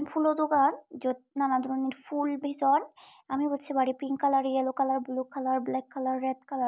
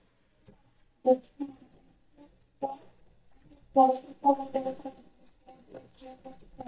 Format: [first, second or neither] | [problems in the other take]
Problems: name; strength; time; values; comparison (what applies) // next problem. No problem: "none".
first | noise reduction (neural mask model DeepFilterNet 3)